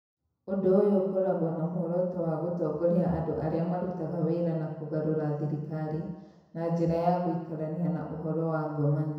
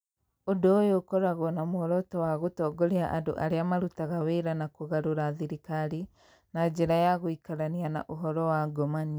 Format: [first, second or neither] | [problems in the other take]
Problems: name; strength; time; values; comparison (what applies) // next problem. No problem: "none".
second | room echo; dies away in 1 s